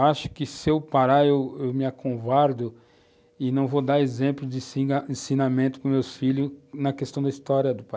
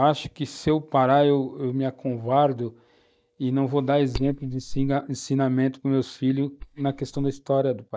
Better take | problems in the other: first | noise reduction (neural mask model DeepFilterNet 3)

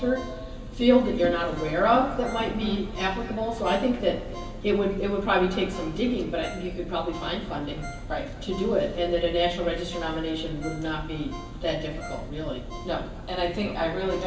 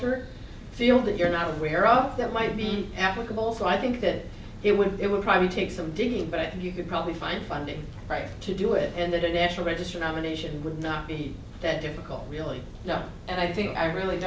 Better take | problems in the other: second | background sound (Ringtone); 20 dB below the speech // room echo; dies away in 2.3 s

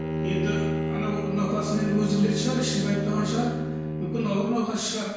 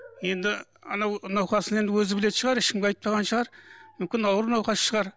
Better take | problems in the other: second | background sound (Bowed string instrument); 2 dB below the speech // room echo; dies away in 1 s

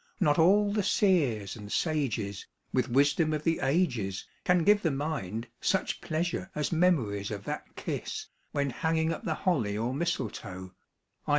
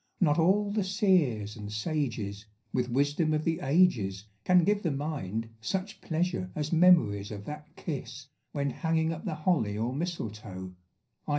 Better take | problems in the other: first | room echo; dies away in 0.4 s

